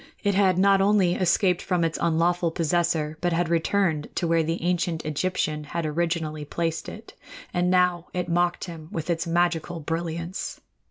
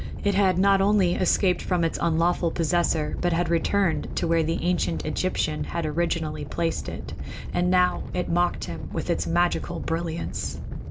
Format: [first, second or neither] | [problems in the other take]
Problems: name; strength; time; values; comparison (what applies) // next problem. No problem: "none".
first | background sound (Animal); 5 dB below the speech